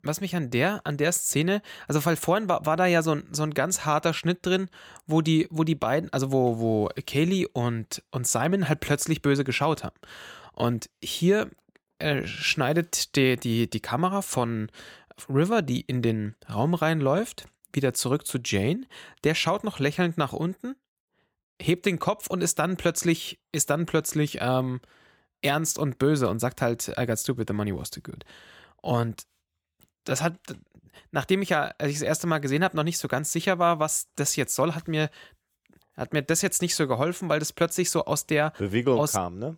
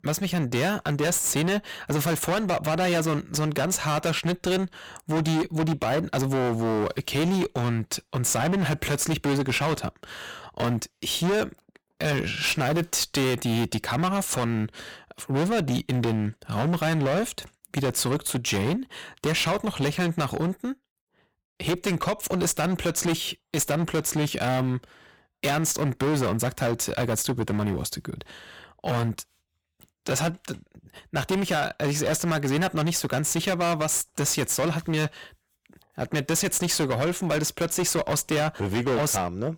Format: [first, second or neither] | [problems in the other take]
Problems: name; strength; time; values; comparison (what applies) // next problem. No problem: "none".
first | distortion; heavy; 22% of the sound clipped